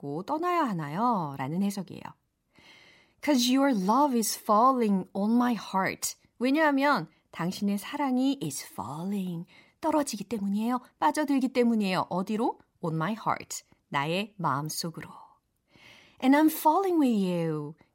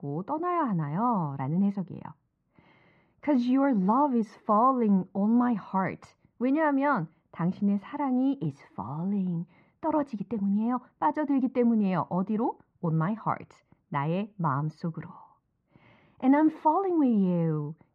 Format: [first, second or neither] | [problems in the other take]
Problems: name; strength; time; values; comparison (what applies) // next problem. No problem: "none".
first | muffled; very; fading above 1.5 kHz